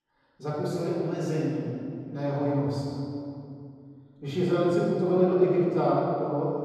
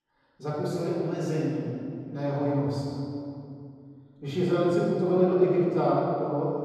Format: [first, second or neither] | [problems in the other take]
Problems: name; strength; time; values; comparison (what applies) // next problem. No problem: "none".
neither | room echo; strong; dies away in 2.3 s; the same in both // off-mic speech; far; the same in both